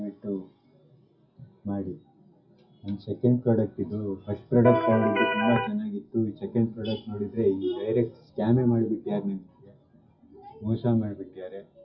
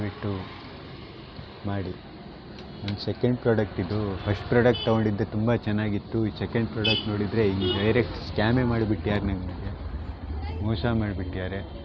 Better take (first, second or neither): second